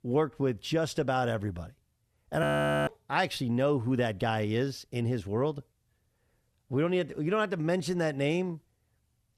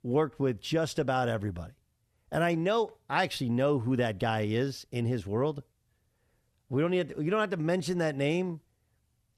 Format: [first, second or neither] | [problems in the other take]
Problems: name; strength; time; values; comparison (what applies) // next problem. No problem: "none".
second | audio freezing; at 2.5 s